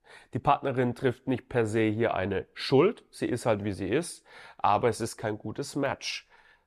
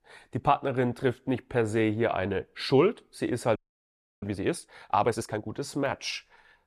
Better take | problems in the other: first | audio freezing; at 3.5 s for 0.5 s

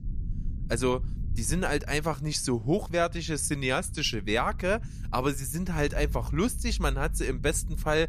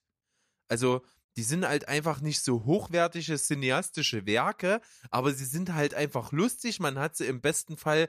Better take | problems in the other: second | low rumble; faint; throughout; 25 dB below the speech

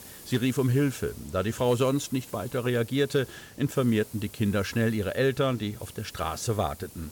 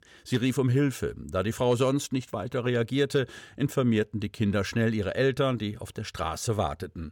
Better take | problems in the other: second | hiss; noticeable; throughout; 20 dB below the speech

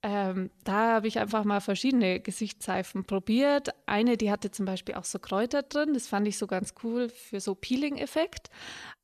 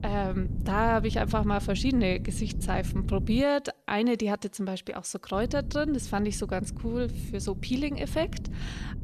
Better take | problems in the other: first | low rumble; noticeable; until 3.5 s and from 5.5 s on; 15 dB below the speech

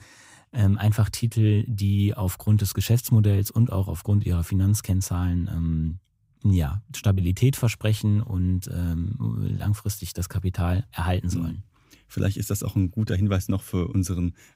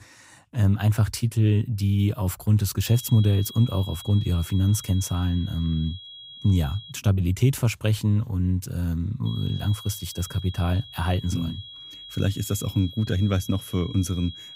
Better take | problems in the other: first | high-pitched whine; noticeable; from 3 to 7 s and from 9.5 s on; 3.5 kHz, 15 dB below the speech

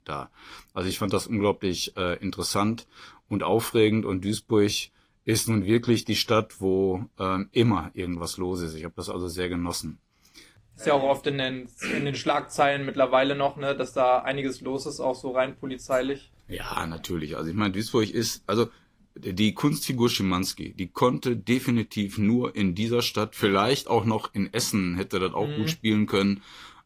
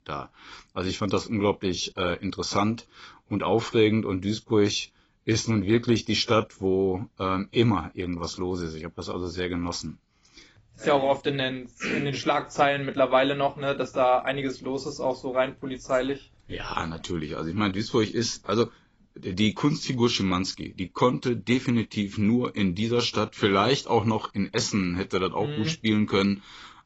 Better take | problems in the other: first | garbled, watery; badly; nothing above 7.5 kHz; slightly in the first

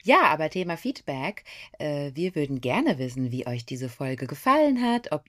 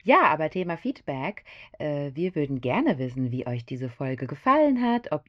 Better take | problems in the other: first | muffled; slightly; fading above 2.5 kHz

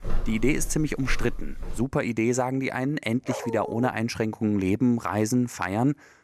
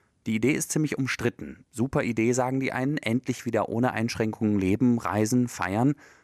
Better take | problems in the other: second | footsteps; noticeable; until 2 s; peak 8 dB below the speech // dog barking; noticeable; at 3.5 s; peak 8 dB below the speech

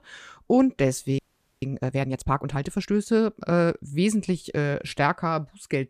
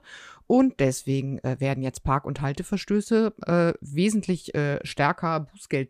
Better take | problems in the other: second | audio freezing; at 1 s

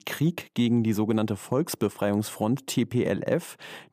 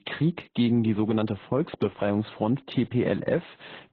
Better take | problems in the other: first | garbled, watery; badly

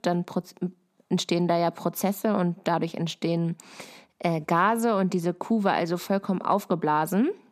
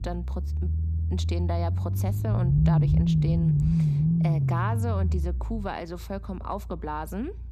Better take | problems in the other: first | low rumble; loud; throughout; as loud as the speech

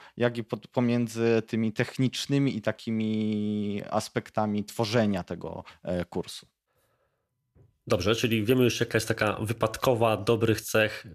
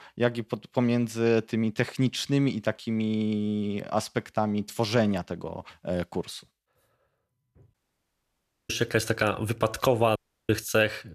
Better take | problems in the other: first | audio cutting out; at 7.5 s for 1 s and at 10 s

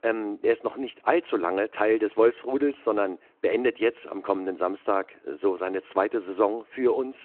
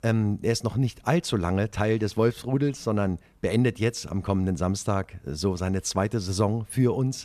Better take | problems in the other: second | phone-call audio

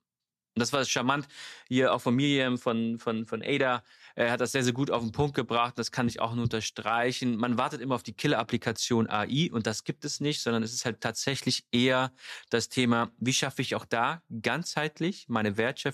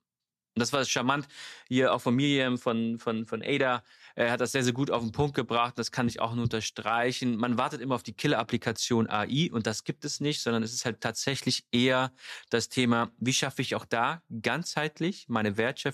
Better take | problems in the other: neither | none

